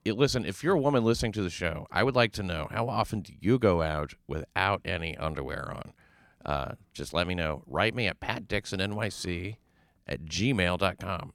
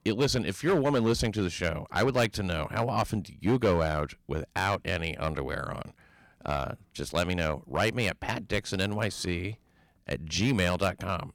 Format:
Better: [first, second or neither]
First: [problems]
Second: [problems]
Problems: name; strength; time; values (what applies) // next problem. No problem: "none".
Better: first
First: none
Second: distortion; slight; 4% of the sound clipped